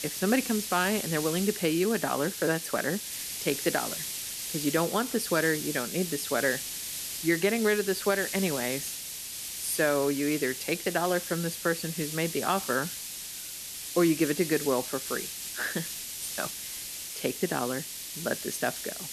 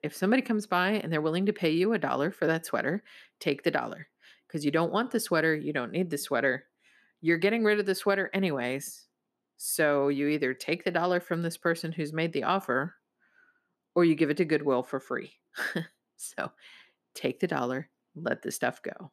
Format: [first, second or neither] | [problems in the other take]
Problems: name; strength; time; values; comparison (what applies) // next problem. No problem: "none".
second | hiss; loud; throughout; 5 dB below the speech